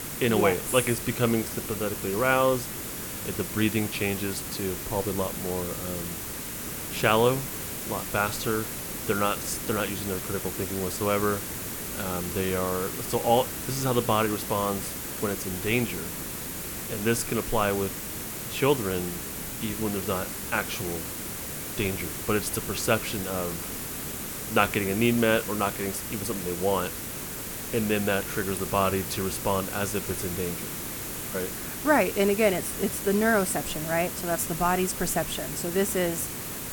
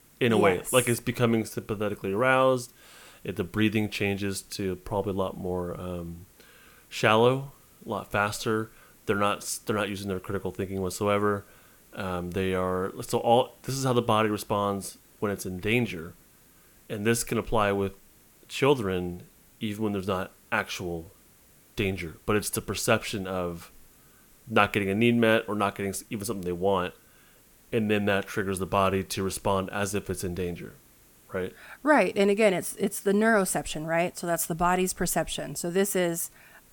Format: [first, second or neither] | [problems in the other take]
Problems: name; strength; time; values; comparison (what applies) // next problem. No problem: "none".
second | hiss; loud; throughout; 5 dB below the speech; faint in the second